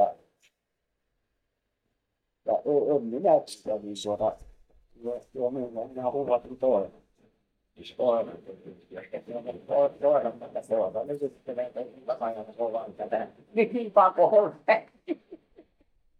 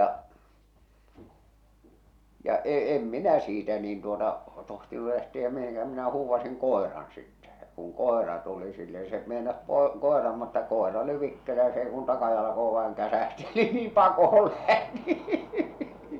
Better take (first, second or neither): second